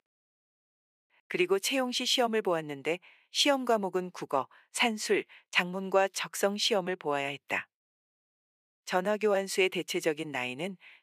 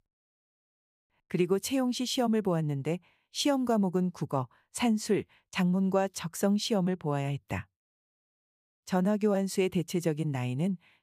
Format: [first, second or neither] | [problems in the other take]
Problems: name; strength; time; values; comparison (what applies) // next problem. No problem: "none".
second | thin; somewhat; fading below 400 Hz